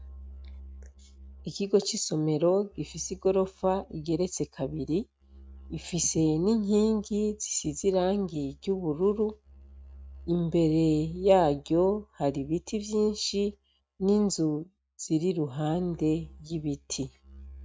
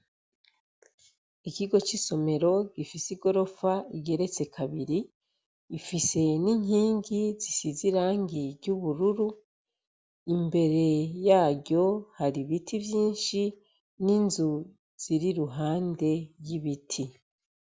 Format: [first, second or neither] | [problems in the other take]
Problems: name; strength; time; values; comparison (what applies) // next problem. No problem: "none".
second | noise reduction (neural mask model RNNoise)